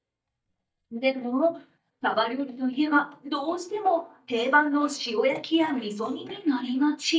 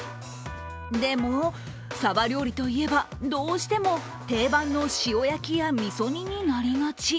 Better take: second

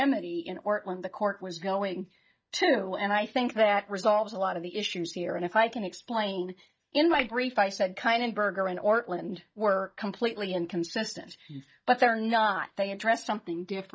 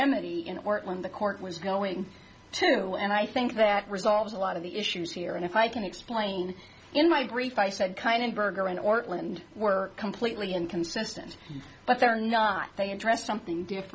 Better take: second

